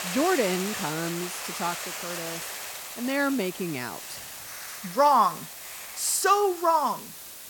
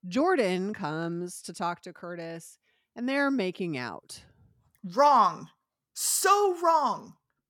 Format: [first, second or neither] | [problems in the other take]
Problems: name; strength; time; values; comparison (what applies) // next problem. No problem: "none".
second | hiss; loud; throughout; 9 dB below the speech